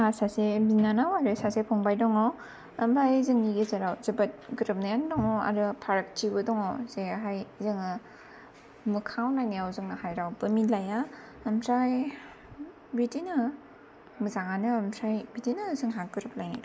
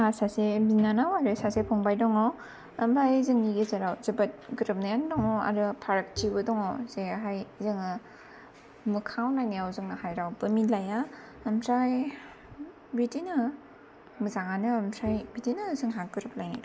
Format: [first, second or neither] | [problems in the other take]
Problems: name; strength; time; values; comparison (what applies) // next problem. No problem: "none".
first | background sound (Bowed string instrument); 17 dB below the speech